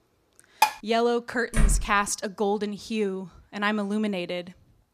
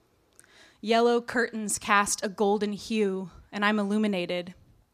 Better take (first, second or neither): second